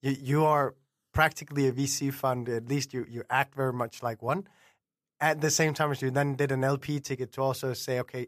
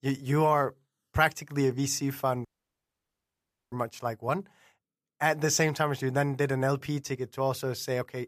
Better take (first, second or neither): first